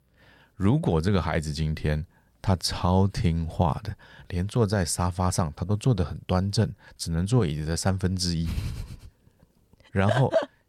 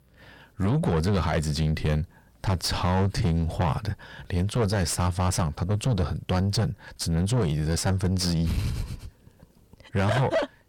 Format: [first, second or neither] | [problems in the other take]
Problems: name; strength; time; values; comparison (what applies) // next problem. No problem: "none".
first | distortion; heavy; 6 dB below the speech